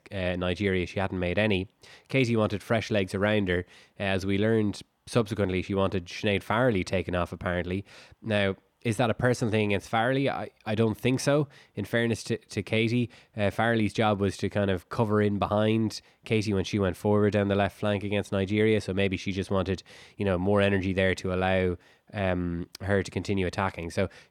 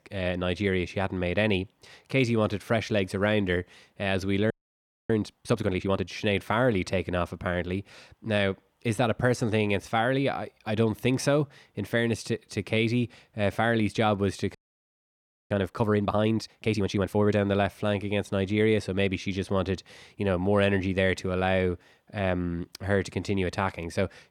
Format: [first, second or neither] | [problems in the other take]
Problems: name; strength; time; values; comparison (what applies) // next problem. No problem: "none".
first | audio freezing; at 4.5 s for 0.5 s and at 15 s for 1 s